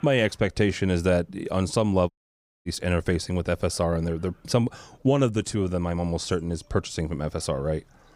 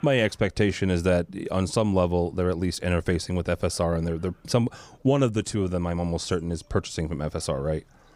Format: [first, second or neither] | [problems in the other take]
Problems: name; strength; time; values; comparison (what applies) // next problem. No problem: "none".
second | audio cutting out; at 2 s for 0.5 s